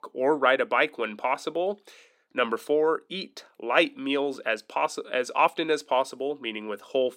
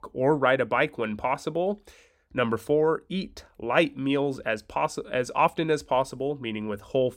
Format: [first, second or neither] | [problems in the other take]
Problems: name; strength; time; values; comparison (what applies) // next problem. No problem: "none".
second | thin; very slightly; fading below 250 Hz